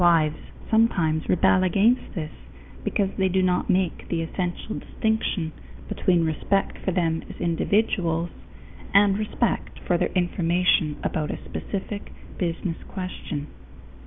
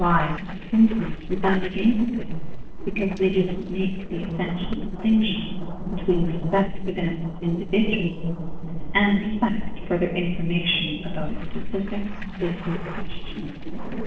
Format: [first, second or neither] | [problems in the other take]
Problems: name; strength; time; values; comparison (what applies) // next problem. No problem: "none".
first | noise reduction (neural separator model SepFormer DNS4)